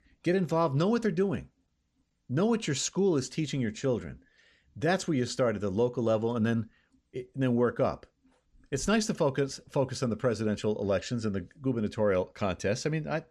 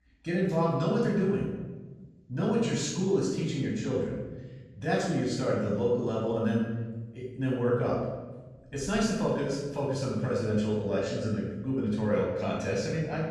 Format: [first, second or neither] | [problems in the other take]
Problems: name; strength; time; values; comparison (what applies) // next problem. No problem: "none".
first | off-mic speech; far // room echo; noticeable; dies away in 1 s